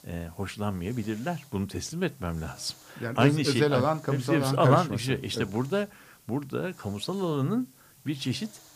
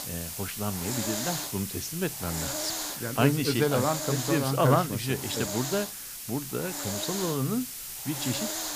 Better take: first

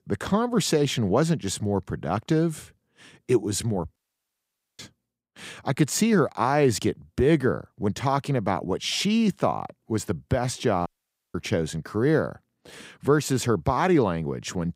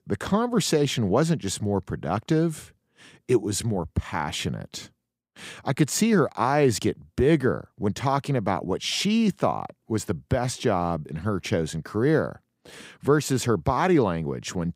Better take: second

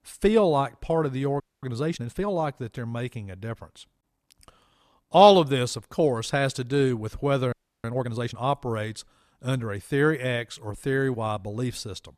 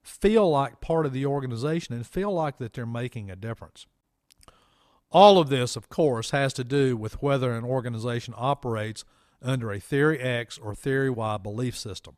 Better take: second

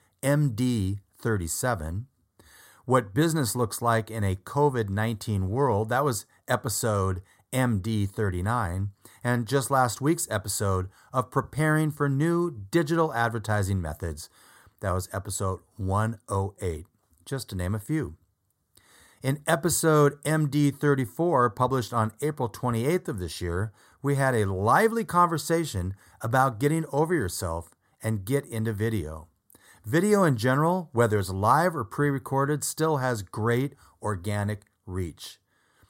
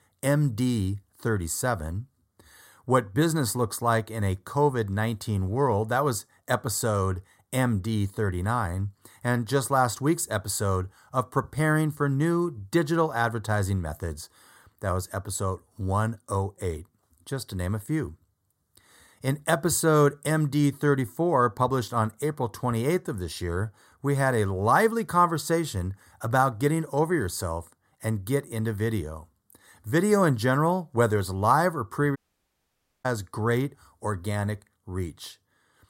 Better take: first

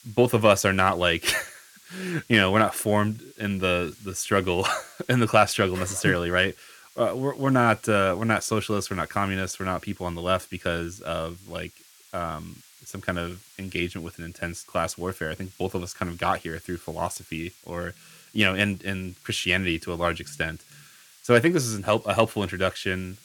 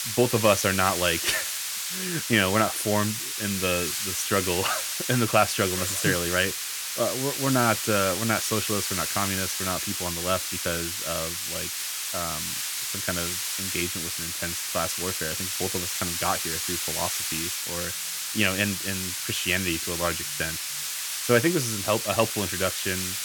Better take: first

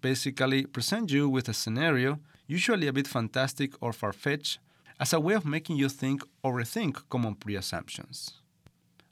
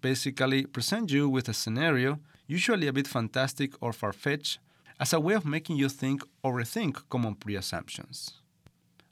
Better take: neither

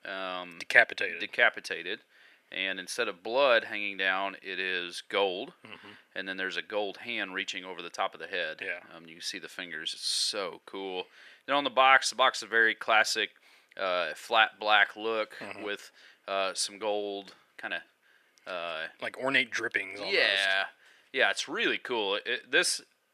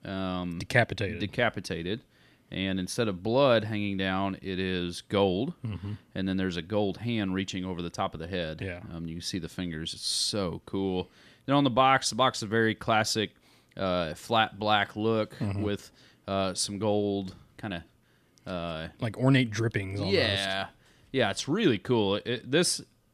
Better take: second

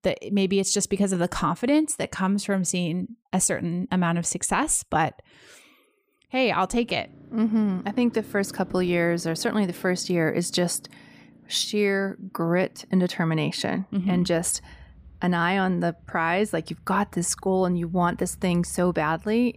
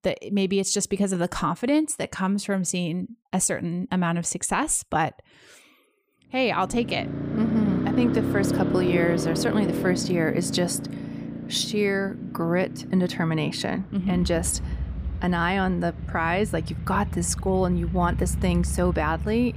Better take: first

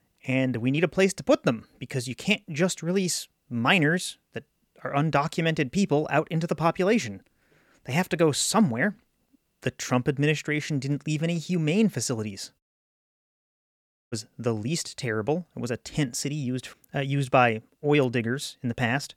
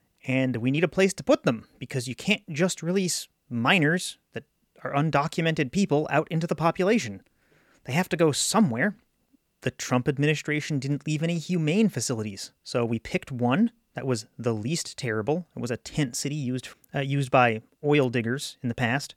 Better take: second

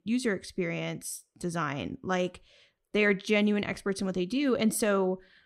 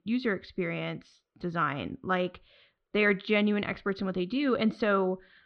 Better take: first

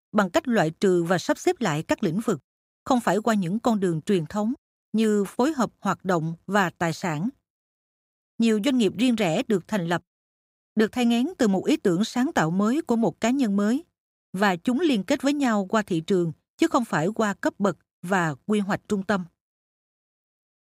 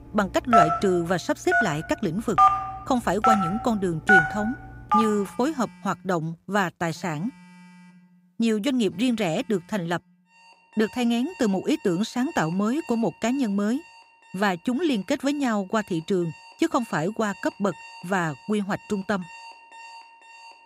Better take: first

